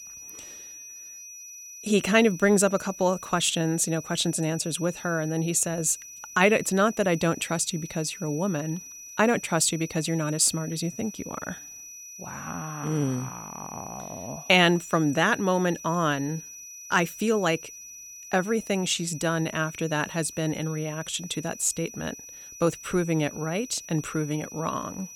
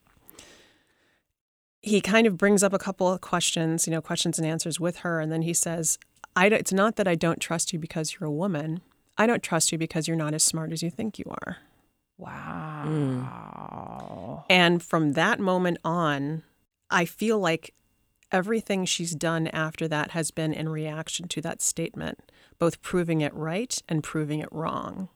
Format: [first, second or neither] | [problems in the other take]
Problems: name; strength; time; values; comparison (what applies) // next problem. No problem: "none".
second | high-pitched whine; noticeable; throughout; 6 kHz, 15 dB below the speech